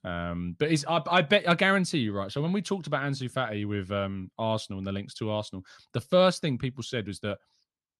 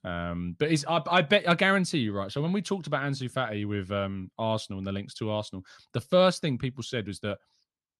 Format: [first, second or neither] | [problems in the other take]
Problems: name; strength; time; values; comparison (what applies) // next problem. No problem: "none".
neither | none